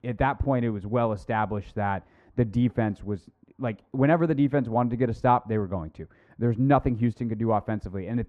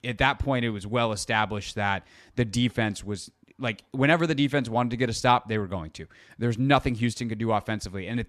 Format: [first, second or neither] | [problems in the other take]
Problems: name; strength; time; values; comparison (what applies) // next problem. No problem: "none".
second | muffled; very; fading above 2 kHz